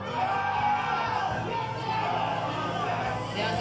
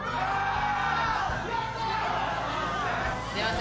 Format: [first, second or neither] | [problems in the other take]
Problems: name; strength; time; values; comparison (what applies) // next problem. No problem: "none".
second | room echo; dies away in 0.3 s